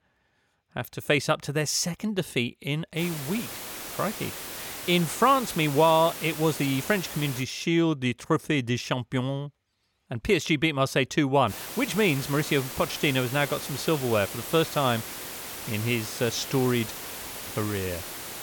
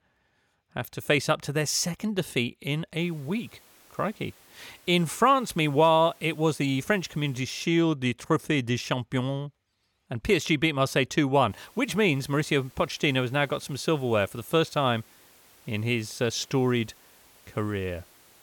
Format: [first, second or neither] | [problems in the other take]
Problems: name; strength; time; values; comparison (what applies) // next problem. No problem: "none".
second | hiss; loud; from 3 to 7.5 s and from 11 s on; 9 dB below the speech; faint in the second